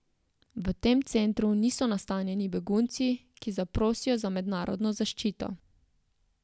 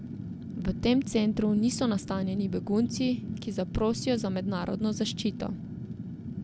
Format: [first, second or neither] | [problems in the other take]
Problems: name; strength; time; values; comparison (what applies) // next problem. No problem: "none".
first | background sound (Fire); 8 dB below the speech